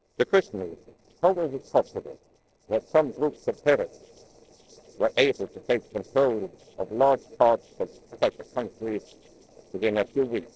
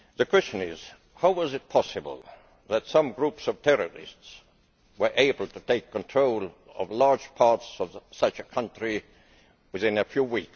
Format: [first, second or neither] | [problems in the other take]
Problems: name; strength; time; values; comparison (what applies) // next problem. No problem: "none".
second | noise reduction (neural separator model SepFormer DNS4)